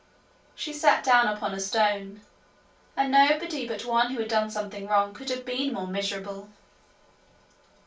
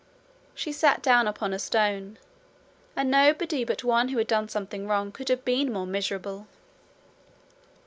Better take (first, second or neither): second